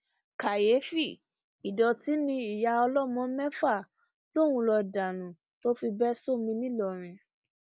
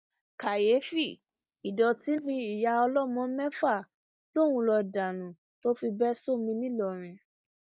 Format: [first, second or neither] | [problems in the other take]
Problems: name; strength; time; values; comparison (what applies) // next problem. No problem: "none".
first | noise reduction (neural mask model DeepFilterNet 3)